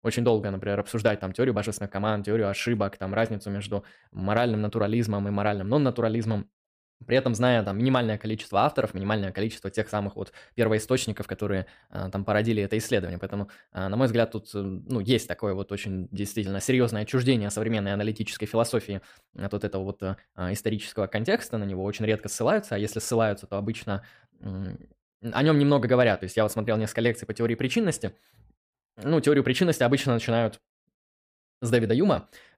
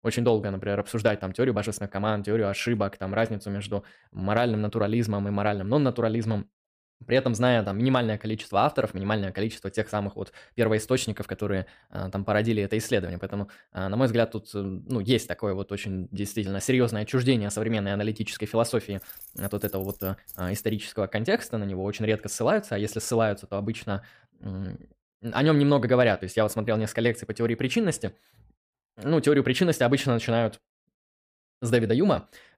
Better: first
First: none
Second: jangling keys; faint; from 19 to 21 s; peak 10 dB below the speech

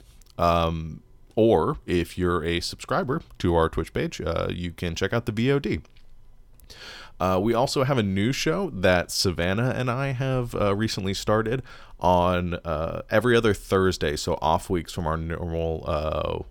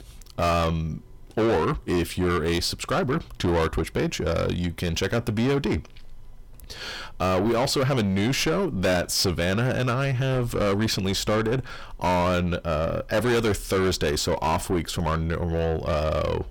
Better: first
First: none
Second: distortion; heavy; 7 dB below the speech

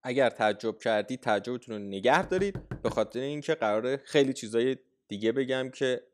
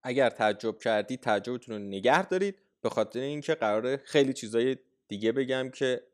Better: second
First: door banging; faint; at 2 s; peak 10 dB below the speech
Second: none

